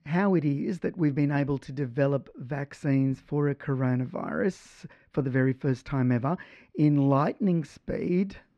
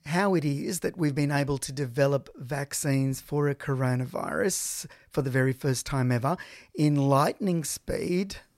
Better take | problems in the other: second | muffled; very; fading above 2.5 kHz

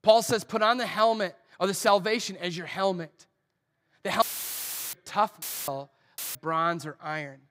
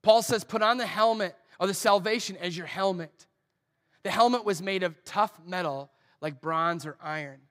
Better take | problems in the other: second | audio cutting out; filled with static; at 4 s for 0.5 s, at 5.5 s and at 6 s

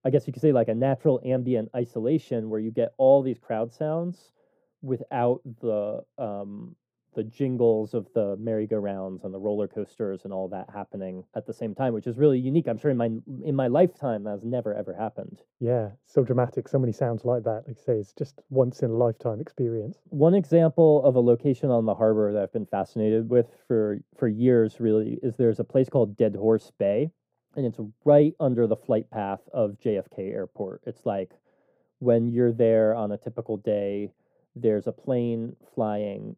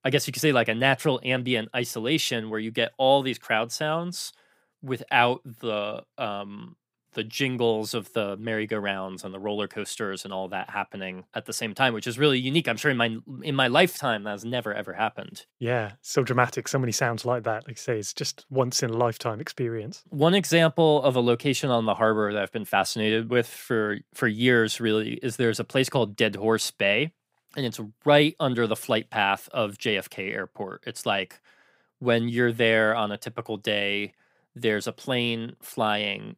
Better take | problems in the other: second | muffled; very; fading above 1 kHz

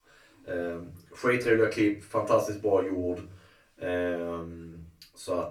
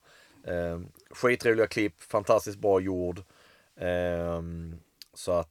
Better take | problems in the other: second | off-mic speech; far // room echo; very slight; dies away in 0.3 s

